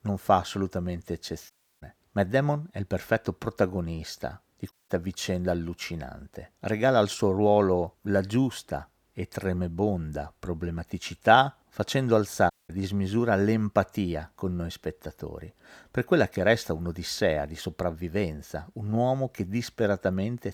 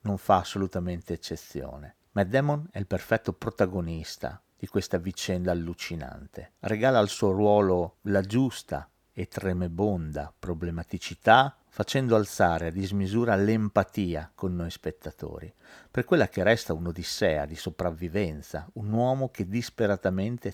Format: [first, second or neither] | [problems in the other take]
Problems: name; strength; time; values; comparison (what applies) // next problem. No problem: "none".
second | audio cutting out; at 1.5 s, at 4.5 s and at 13 s